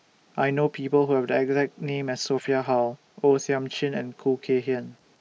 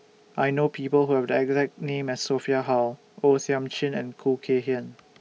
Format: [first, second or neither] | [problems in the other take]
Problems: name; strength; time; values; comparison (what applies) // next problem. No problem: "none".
second | noise reduction (neural mask model Resemble Enhance denoiser)